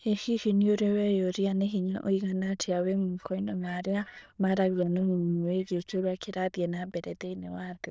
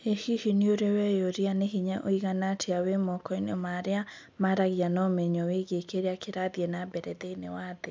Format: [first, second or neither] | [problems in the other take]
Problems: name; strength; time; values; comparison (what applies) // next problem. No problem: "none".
second | noise reduction (neural diffusion model UNIVERSE++)